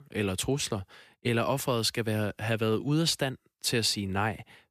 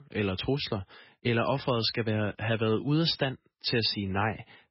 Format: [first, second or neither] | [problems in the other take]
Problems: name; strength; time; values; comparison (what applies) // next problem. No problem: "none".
first | garbled, watery; badly; nothing above 5.5 kHz